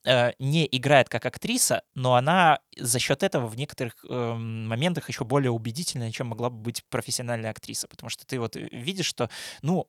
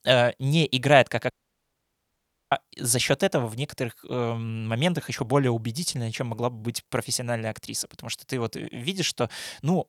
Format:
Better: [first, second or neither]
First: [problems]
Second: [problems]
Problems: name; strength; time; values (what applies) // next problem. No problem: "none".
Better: first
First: none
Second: audio cutting out; at 1.5 s for 1 s